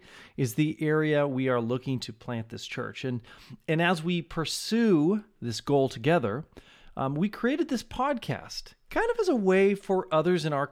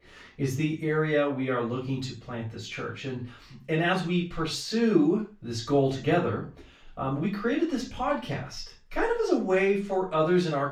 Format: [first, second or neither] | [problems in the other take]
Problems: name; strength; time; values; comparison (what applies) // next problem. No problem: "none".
first | room echo; noticeable; dies away in 0.3 s // off-mic speech; far